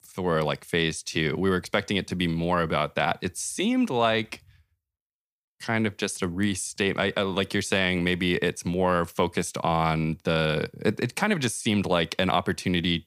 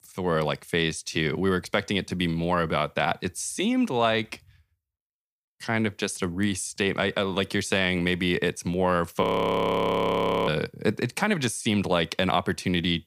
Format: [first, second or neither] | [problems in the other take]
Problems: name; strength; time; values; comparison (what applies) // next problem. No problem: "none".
first | audio freezing; at 9 s for 1.5 s